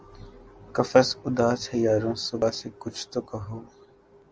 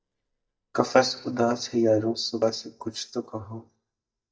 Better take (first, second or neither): first